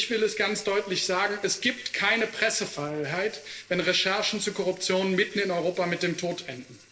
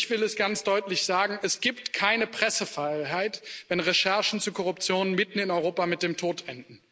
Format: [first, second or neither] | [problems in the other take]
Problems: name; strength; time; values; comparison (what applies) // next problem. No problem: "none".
second | noise reduction (neural separator model SepFormer DNS4)